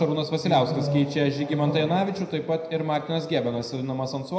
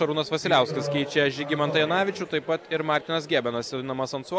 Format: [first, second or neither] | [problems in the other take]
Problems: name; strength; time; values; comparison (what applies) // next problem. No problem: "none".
second | room echo; dies away in 0.7 s